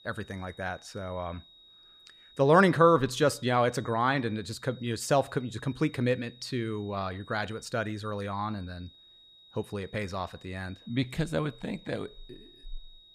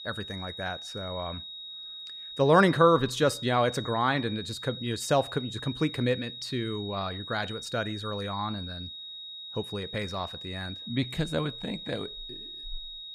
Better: first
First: high-pitched whine; faint; throughout; 4 kHz, 25 dB below the speech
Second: high-pitched whine; loud; throughout; 4 kHz, 10 dB below the speech

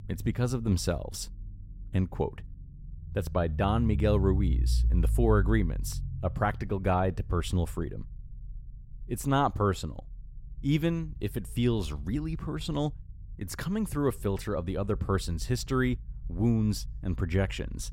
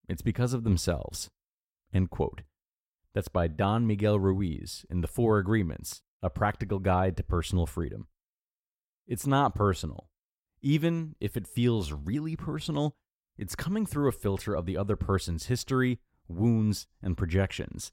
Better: second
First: low rumble; faint; throughout; 20 dB below the speech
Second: none

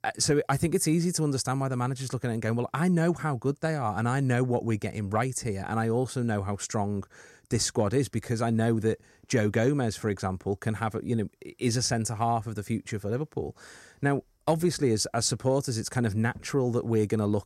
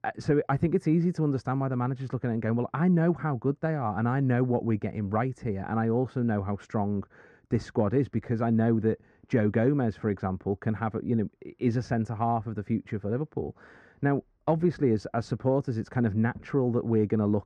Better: first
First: none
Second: muffled; very; fading above 2 kHz

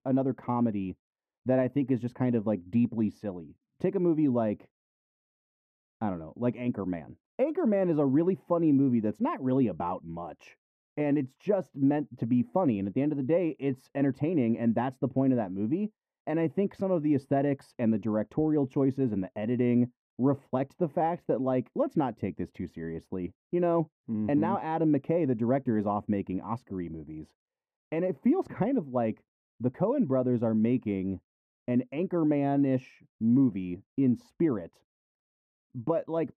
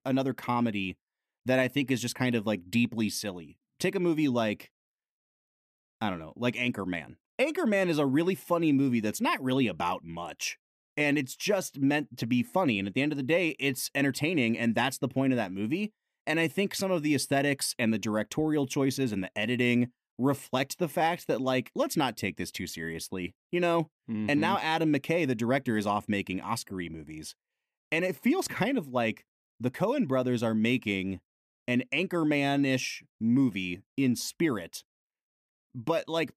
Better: second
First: muffled; very; fading above 2 kHz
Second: none

